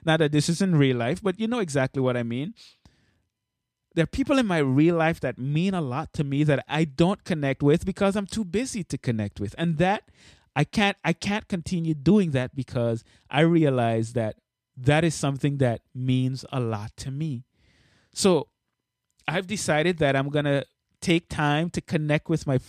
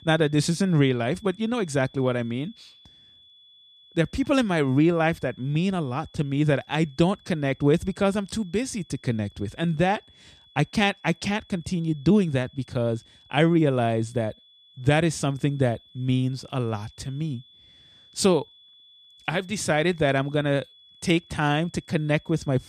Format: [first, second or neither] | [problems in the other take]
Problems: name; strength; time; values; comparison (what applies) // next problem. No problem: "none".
first | high-pitched whine; faint; throughout; 3.5 kHz, 25 dB below the speech